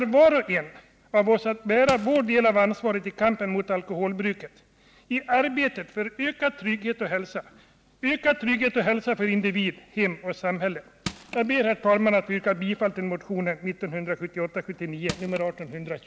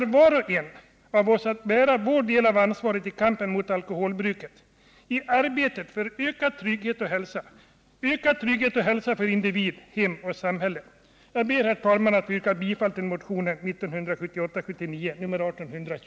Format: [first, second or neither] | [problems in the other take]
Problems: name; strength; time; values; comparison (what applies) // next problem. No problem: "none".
second | background sound (Crushing); 13 dB below the speech